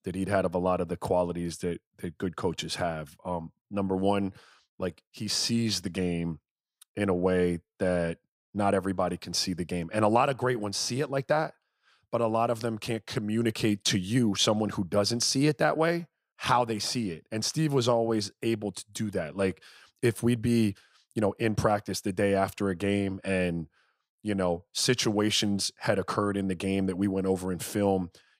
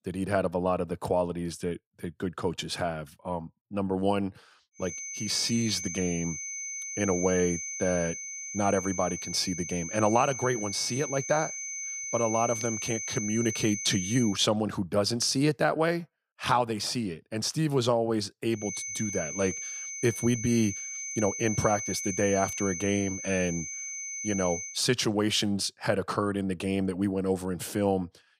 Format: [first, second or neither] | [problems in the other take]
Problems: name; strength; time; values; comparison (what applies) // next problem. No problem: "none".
first | high-pitched whine; loud; from 5 to 14 s and from 19 to 25 s; 6 kHz, 5 dB below the speech